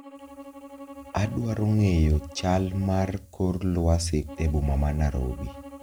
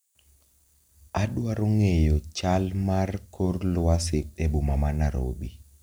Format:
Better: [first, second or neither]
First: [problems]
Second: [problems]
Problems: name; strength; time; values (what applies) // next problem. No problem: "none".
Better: second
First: background sound (Bowed string instrument); 18 dB below the speech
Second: none